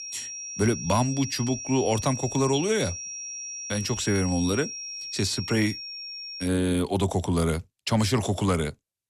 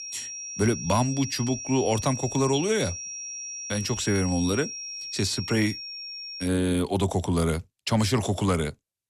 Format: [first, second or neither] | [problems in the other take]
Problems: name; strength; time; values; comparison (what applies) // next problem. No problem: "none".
neither | high-pitched whine; loud; until 6.5 s; 5.5 kHz, 7 dB below the speech; the same in both